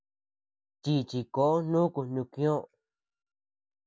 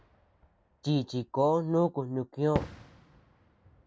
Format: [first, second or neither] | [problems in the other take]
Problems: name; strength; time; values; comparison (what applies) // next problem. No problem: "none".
first | background sound (Fireworks); 13 dB below the speech